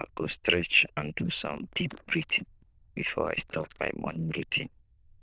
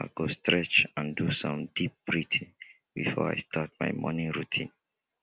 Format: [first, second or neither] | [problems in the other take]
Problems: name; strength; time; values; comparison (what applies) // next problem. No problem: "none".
second | noise reduction (neural diffusion model UNIVERSE++)